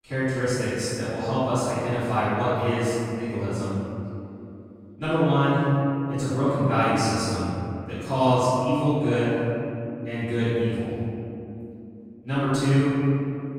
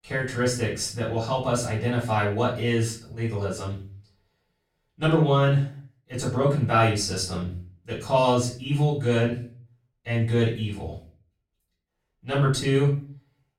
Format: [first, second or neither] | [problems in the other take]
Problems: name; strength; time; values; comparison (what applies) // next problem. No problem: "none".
second | room echo; strong; dies away in 2.9 s; slight in the second // off-mic speech; far; far in the second